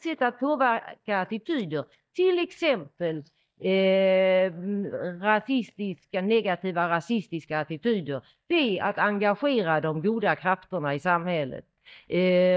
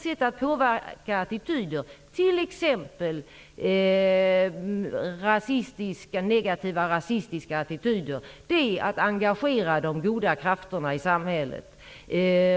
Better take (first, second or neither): second